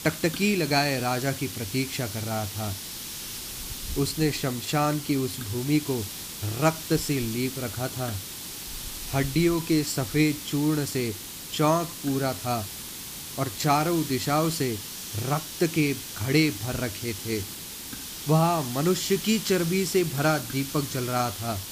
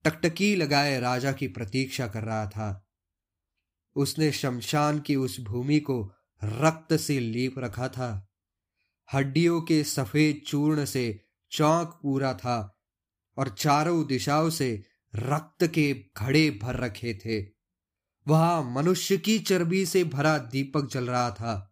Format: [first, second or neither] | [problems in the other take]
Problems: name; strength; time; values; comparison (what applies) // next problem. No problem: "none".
second | hiss; loud; throughout; 8 dB below the speech